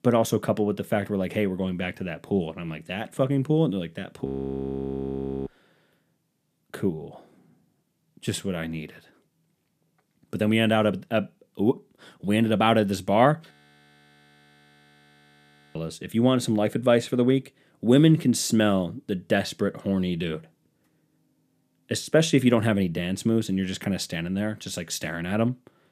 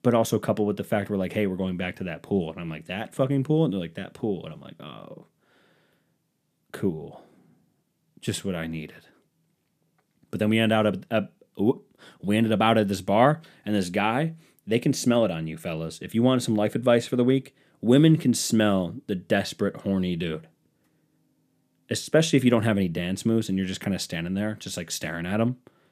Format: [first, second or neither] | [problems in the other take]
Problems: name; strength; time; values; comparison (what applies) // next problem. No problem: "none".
second | audio freezing; at 4.5 s for 1 s and at 14 s for 2 s